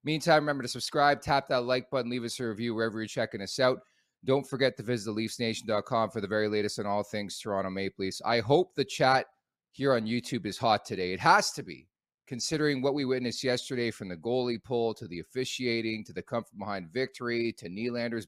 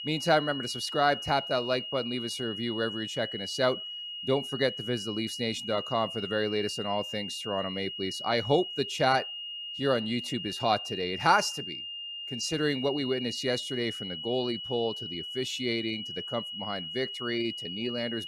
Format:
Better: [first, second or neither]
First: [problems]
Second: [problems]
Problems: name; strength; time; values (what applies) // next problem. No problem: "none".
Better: first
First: none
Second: high-pitched whine; loud; throughout; 3 kHz, 6 dB below the speech